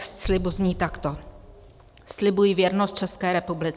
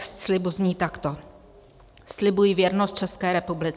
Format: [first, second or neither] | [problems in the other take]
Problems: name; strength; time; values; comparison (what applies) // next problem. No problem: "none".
second | background sound (Boom); 14 dB below the speech